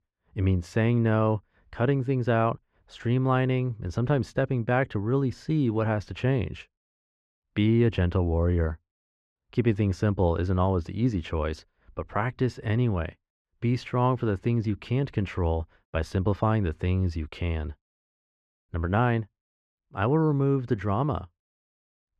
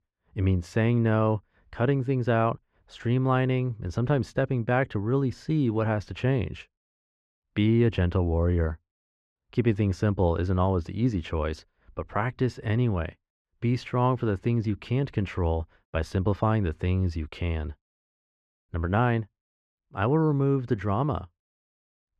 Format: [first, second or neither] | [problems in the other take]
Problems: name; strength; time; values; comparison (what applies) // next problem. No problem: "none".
neither | muffled; slightly; fading above 2.5 kHz; the same in both